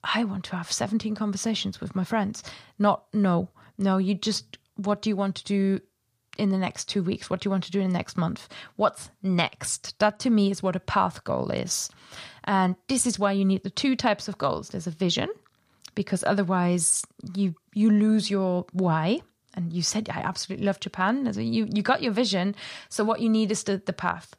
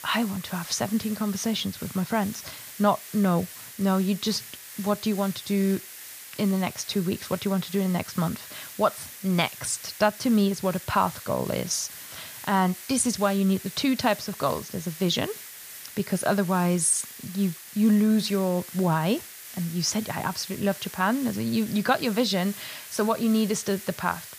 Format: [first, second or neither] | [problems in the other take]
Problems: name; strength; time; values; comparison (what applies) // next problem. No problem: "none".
first | hiss; noticeable; throughout; 15 dB below the speech